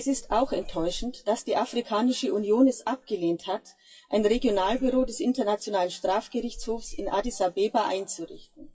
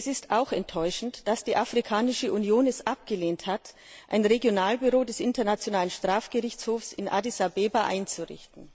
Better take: second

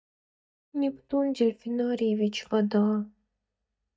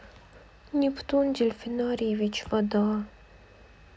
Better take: second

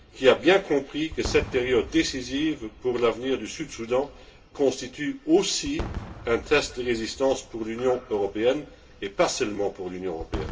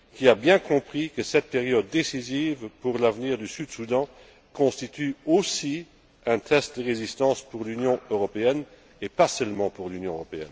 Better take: second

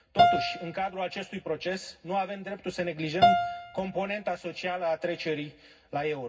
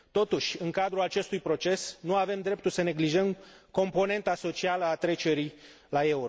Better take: second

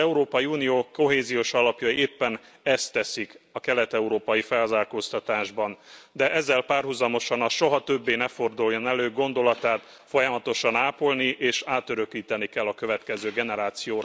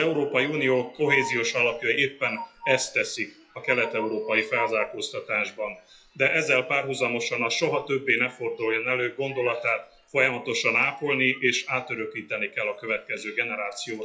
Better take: first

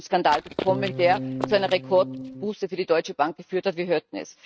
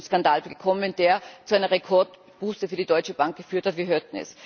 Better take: second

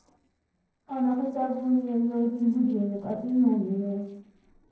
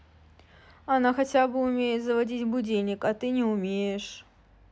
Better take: second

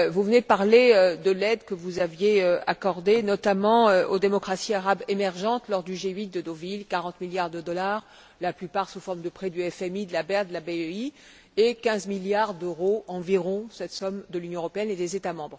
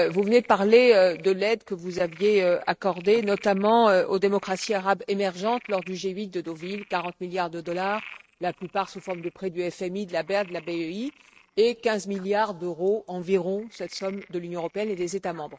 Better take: first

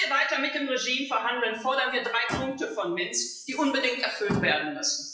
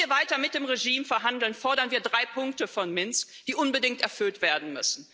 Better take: second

